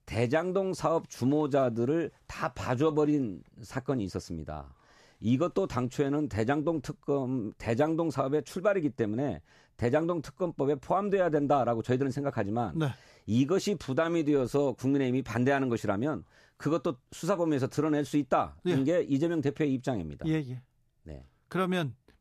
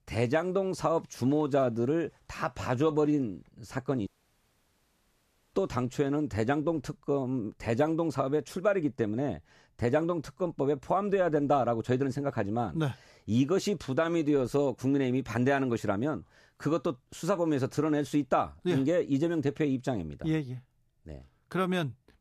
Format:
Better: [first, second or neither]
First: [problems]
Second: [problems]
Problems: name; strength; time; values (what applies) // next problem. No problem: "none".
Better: first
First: none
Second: audio cutting out; at 4 s for 1.5 s